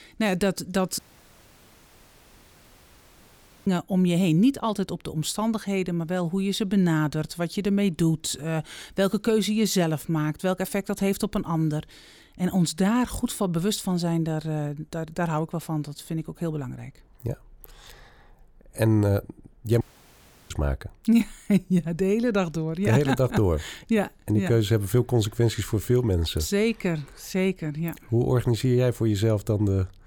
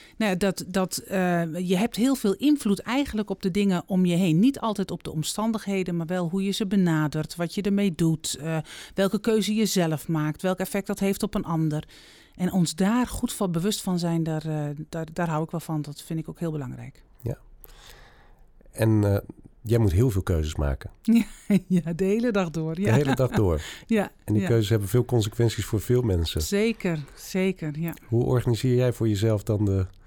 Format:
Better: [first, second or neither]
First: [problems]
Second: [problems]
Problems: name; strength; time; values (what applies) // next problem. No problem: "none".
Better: second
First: audio cutting out; at 1 s for 2.5 s and at 20 s for 0.5 s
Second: none